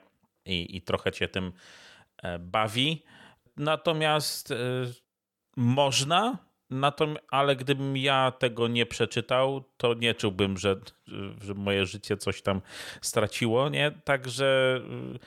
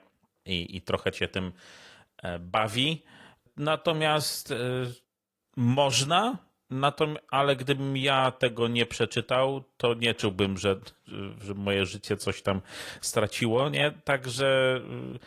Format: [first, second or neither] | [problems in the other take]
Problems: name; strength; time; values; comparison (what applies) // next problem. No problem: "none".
first | garbled, watery; slightly